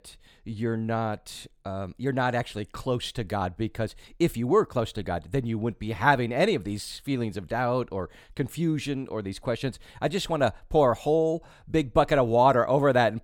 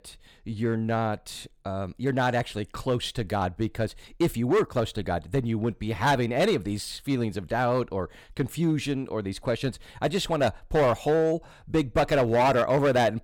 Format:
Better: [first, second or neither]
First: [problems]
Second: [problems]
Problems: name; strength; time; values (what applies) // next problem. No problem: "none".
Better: first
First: none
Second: distortion; slight; 5% of the sound clipped